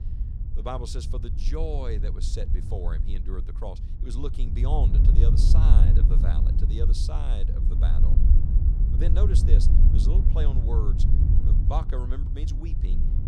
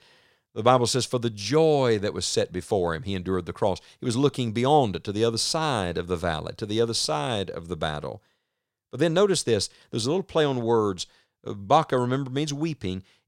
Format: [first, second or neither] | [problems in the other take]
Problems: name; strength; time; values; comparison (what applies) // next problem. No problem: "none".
second | wind noise on the microphone; heavy; 3 dB below the speech